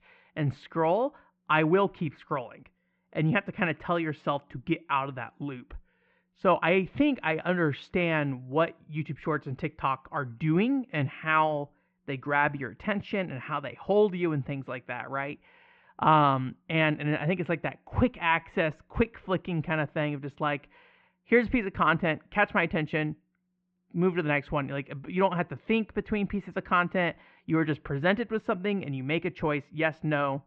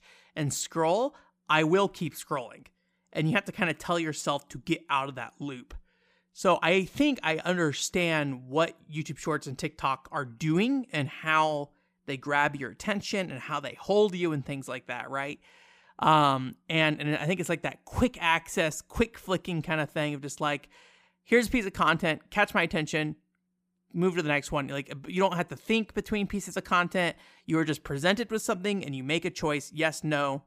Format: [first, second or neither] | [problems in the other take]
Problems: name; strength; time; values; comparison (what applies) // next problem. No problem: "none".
second | muffled; very; fading above 2.5 kHz